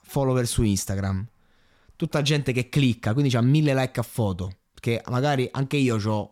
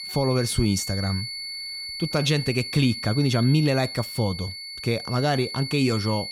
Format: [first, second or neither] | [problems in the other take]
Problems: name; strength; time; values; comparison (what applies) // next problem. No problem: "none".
first | high-pitched whine; loud; throughout; 4.5 kHz, 8 dB below the speech